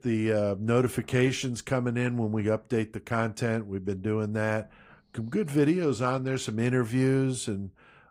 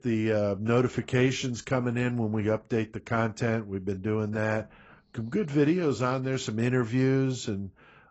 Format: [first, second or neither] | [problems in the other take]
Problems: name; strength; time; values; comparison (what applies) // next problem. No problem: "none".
first | garbled, watery; badly; nothing above 7.5 kHz; slightly in the first